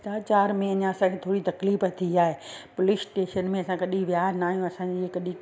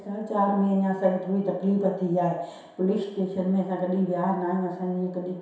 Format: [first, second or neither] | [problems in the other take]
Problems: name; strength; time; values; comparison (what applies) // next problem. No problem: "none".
first | room echo; dies away in 0.7 s